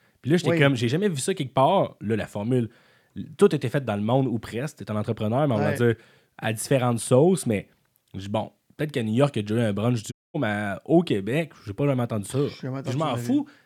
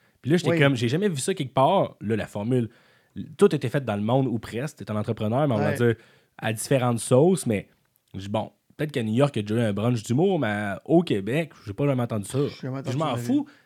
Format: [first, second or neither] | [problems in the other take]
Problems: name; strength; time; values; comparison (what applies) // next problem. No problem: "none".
second | audio cutting out; at 10 s